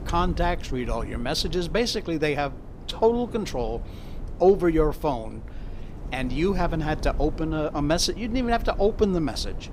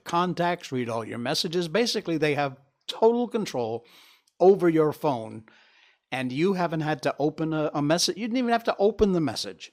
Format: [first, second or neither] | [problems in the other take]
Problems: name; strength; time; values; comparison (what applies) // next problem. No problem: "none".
second | wind noise on the microphone; occasional gusts; 20 dB below the speech